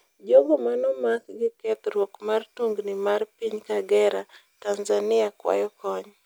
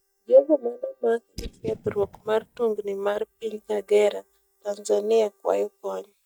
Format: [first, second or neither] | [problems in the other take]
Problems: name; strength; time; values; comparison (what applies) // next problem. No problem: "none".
first | noise reduction (neural mask model DeepFilterNet 3)